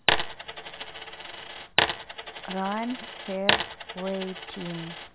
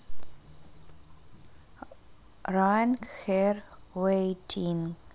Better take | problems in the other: second | background sound (Coin (dropping)); 4 dB above the speech

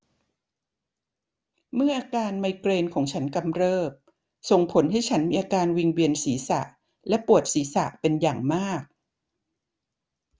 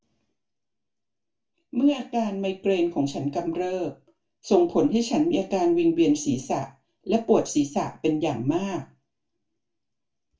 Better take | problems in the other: first | room echo; dies away in 0.2 s

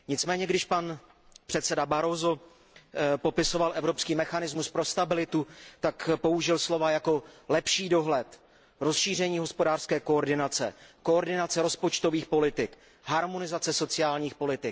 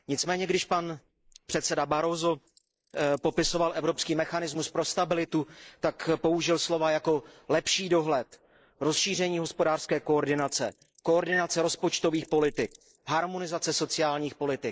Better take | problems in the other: first | noise reduction (neural mask model Resemble Enhance denoiser)

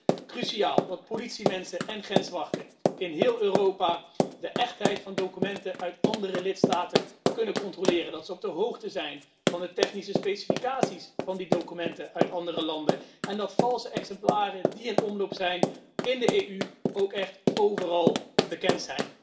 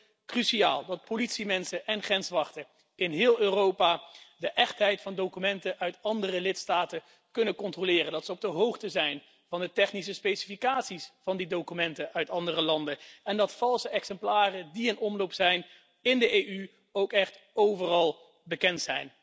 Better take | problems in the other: second | background sound (Run); as loud as the speech // room echo; dies away in 0.3 s

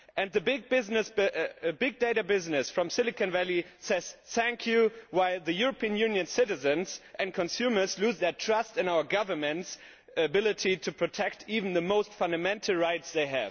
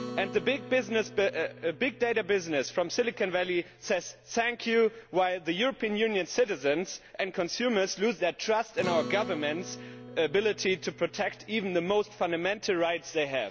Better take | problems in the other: first | background sound (Acoustic guitar); 16 dB below the speech

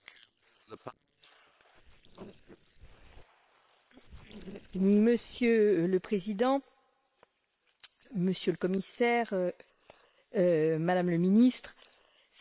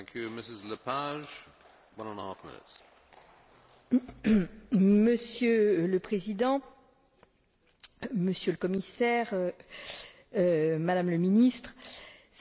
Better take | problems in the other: second | noise reduction (neural separator model SepFormer WHAM!)

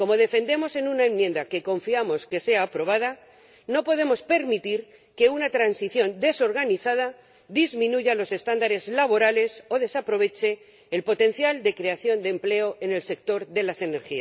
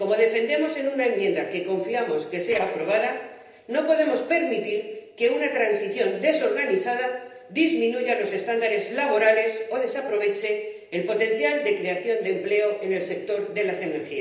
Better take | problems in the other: first | noise reduction (neural separator model SepFormer DNS4)

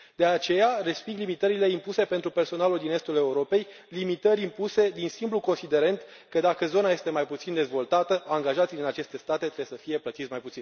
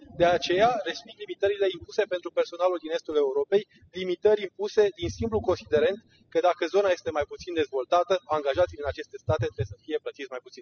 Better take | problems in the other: first | noise reduction (classical method spectral subtraction)

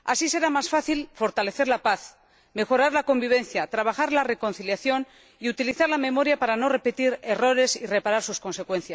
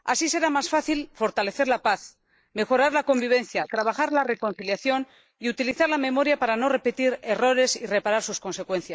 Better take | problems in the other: first | noise reduction (neural mask model Resemble Enhance denoiser)

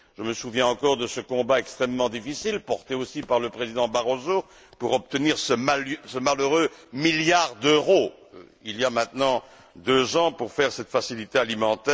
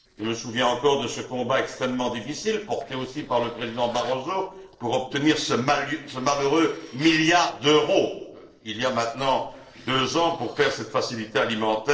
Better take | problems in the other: first | noise reduction (neural separator model SepFormer DNS4)

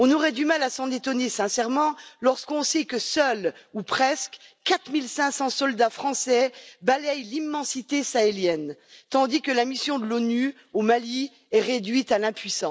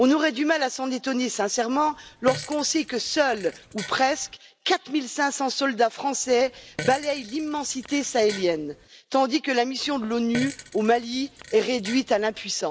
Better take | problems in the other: first | background sound (Fart); 16 dB below the speech

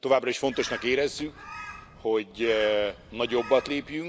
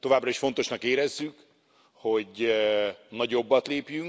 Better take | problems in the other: second | background sound (Bird); 14 dB below the speech

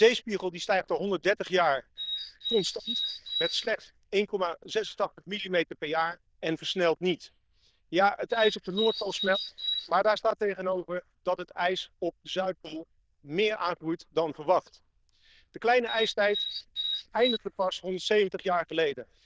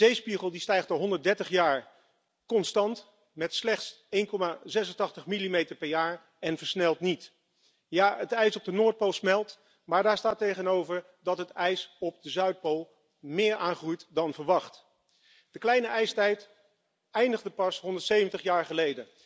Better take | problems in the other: second | noise reduction (neural diffusion model UNIVERSE++)

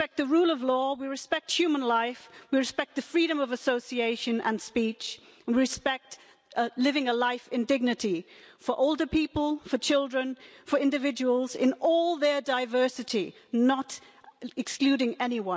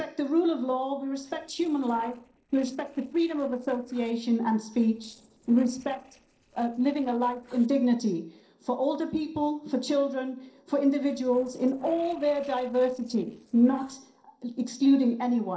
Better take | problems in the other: first | noise reduction (neural separator model SepFormer DNS4)

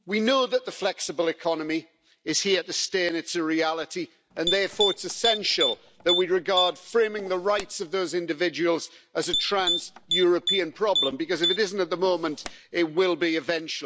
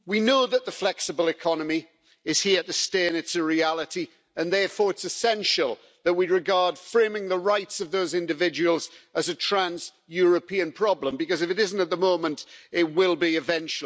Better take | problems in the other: second | background sound (Typing); 4 dB below the speech

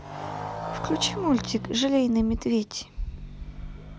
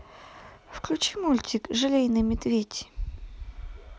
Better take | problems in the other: second | background sound (Motorcycle); 10 dB below the speech

